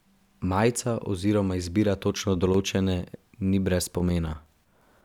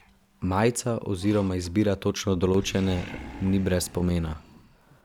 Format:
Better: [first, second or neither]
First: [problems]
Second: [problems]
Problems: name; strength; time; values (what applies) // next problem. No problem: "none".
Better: first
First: none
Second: background sound (Animal); 18 dB below the speech